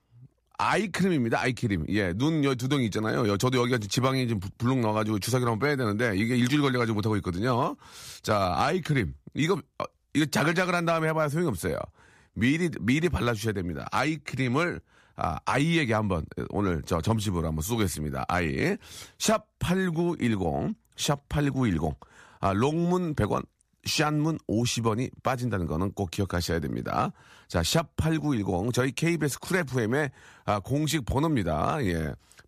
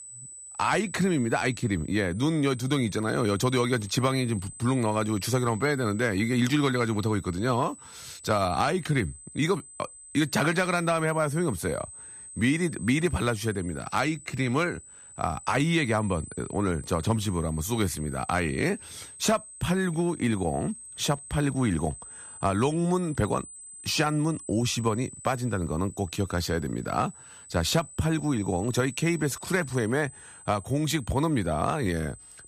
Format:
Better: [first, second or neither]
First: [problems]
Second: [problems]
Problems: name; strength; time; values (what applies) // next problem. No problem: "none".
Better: first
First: none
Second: high-pitched whine; noticeable; throughout; 8 kHz, 15 dB below the speech